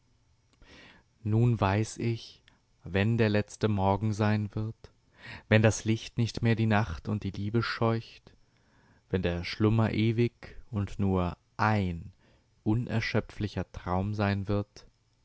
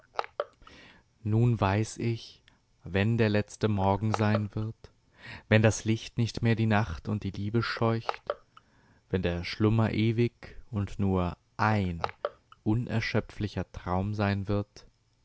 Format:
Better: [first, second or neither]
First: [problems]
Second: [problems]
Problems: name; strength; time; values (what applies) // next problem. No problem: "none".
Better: first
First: none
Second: background sound (Crushing); 15 dB below the speech